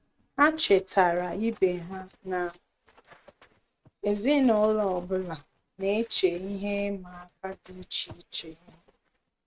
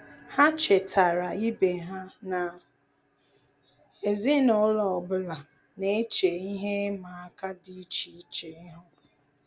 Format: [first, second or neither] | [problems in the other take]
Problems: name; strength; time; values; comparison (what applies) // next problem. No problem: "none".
second | noise reduction (neural mask model RNNoise)